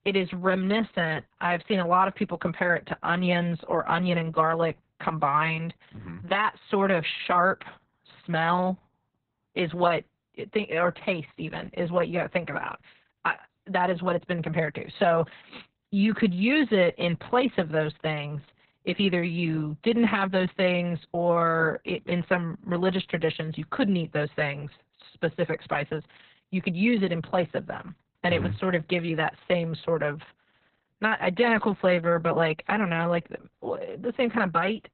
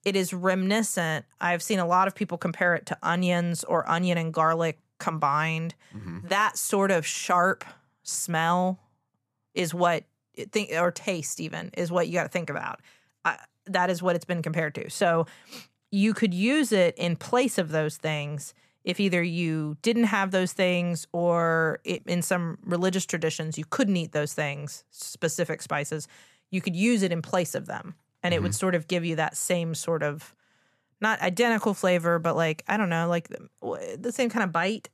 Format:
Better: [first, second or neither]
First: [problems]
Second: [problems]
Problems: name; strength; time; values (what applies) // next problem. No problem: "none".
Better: second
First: garbled, watery; badly; nothing above 4 kHz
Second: none